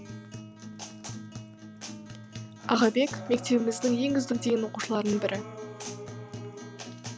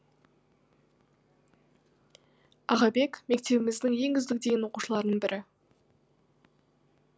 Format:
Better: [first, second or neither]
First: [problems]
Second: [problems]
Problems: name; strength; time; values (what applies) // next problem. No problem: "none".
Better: second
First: background sound (Acoustic guitar); 10 dB below the speech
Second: none